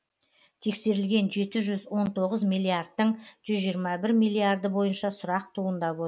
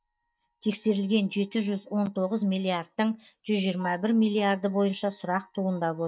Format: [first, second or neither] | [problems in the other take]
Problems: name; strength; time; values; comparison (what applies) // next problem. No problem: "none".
first | noise reduction (neural mask model DeepFilterNet 3)